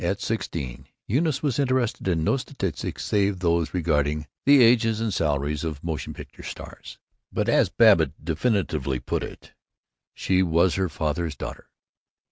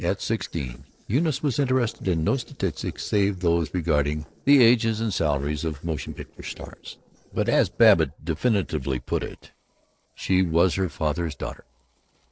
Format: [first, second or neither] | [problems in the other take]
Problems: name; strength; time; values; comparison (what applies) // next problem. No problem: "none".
first | noise reduction (neural separator model SepFormer DNS4)